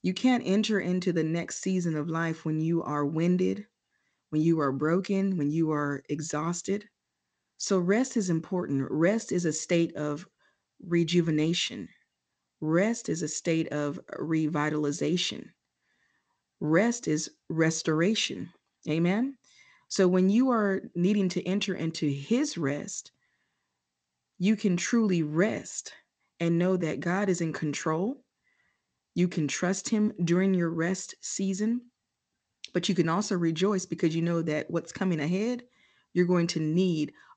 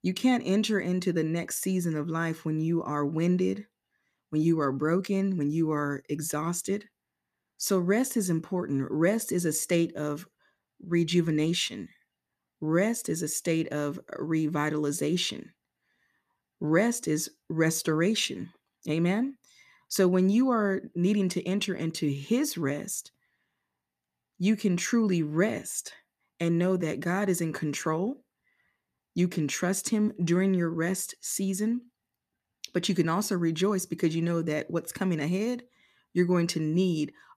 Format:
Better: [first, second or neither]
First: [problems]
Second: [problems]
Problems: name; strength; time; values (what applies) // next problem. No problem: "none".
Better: second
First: garbled, watery; slightly; nothing above 7.5 kHz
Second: none